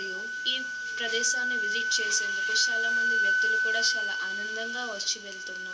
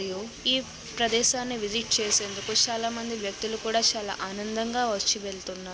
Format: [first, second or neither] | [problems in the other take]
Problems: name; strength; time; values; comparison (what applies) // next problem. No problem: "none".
second | background sound (Wind instrument, woodwind instrument); 5 dB above the speech // room echo; dies away in 0.2 s